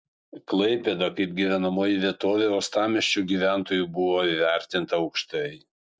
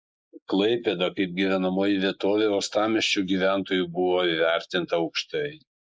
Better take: first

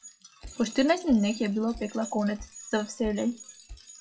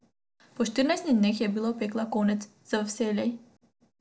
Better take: second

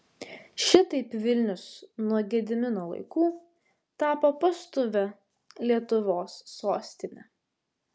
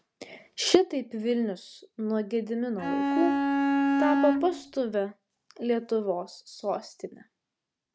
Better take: first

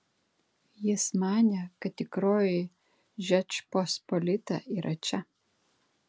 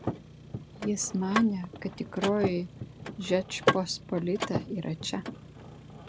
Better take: first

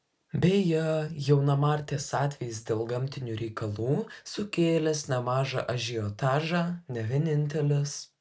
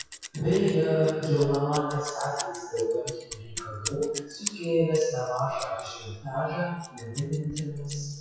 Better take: first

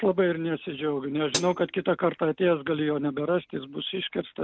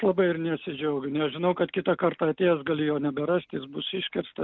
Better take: second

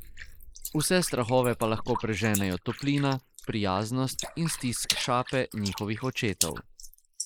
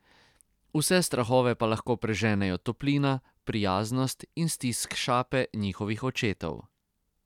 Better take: second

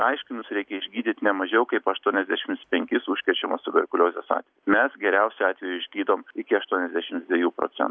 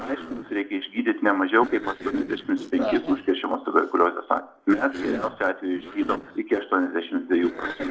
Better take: first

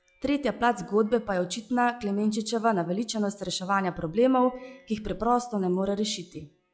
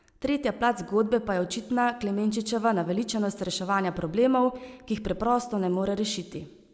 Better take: second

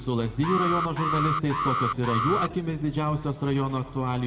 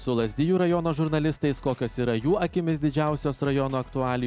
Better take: second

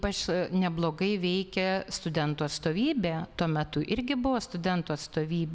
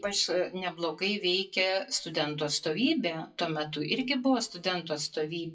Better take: first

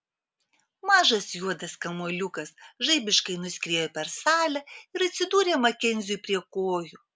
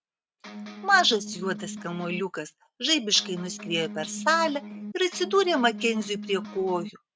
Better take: first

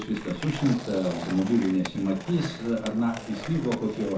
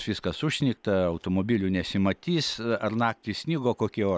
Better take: second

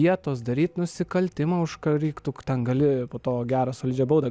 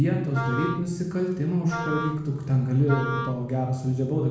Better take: first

